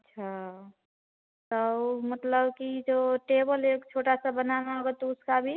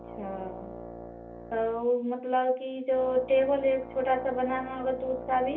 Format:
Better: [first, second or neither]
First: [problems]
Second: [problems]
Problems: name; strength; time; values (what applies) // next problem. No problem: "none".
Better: first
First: none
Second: background sound (Brass instrument); 14 dB below the speech // room echo; dies away in 0.3 s